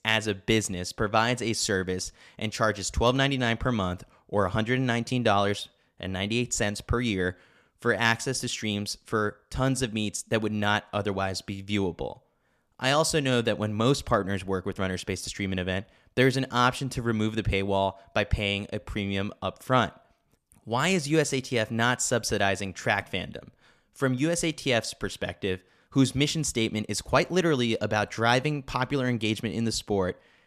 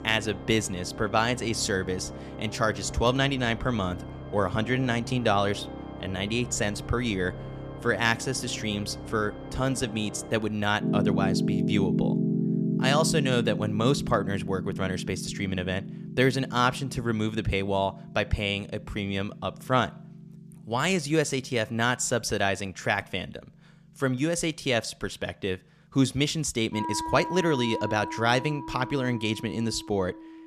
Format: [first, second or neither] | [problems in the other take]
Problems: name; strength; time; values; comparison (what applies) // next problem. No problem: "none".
first | background music; loud; throughout; 6 dB below the speech